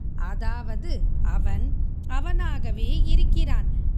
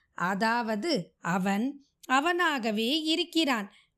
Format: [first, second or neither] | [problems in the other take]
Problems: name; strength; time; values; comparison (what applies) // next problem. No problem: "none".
second | low rumble; loud; throughout; 7 dB below the speech